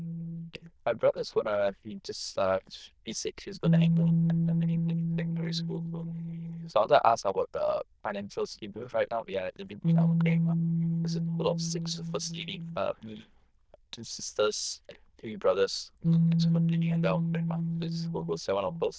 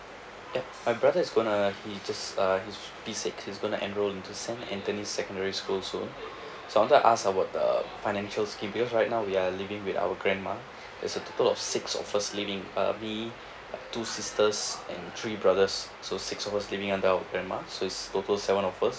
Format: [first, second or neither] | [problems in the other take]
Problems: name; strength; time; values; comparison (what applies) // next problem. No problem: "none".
second | noise reduction (neural diffusion model UNIVERSE++)